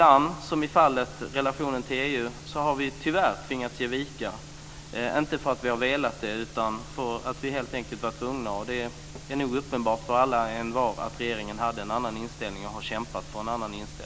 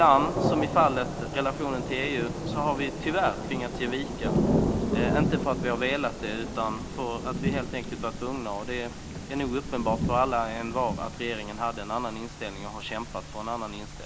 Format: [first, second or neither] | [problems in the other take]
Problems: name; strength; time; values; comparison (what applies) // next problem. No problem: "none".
first | background sound (Thunder / Rain); 3 dB below the speech